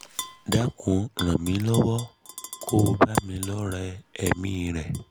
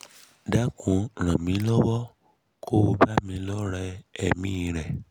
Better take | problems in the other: second | background sound (Tap / Glass); 14 dB below the speech

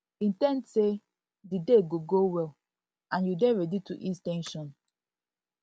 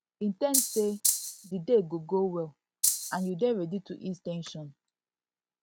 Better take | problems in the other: first | background sound (Rattle (instrument)); 2 dB above the speech

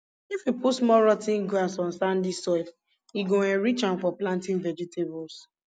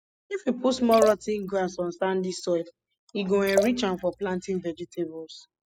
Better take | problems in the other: first | noise reduction (classical method spectral subtraction)

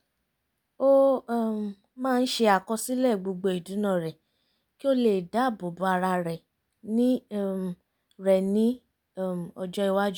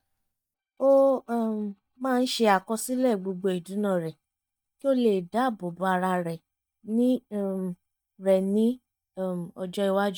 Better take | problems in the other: first | noise reduction (neural mask model DeepFilterNet 3)

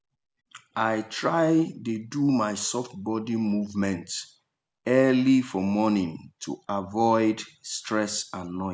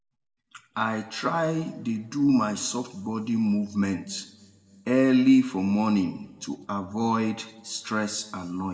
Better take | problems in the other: first | room echo; dies away in 1.2 s

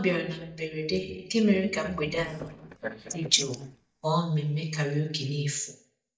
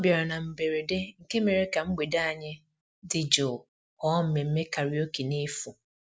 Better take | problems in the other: second | noise reduction (neural mask model DeepFilterNet 3)

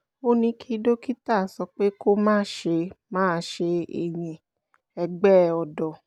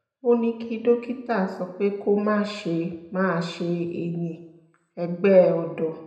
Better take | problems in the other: first | room echo; dies away in 0.8 s

